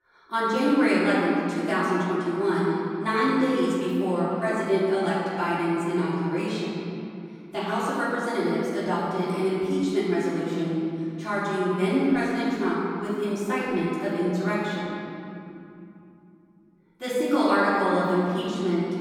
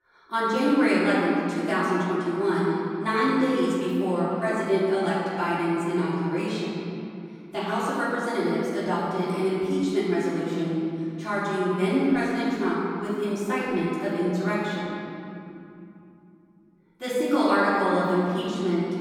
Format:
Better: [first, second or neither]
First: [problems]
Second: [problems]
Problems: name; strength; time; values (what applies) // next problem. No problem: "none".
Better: neither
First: off-mic speech; far // room echo; strong; dies away in 2.8 s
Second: off-mic speech; far // room echo; strong; dies away in 2.8 s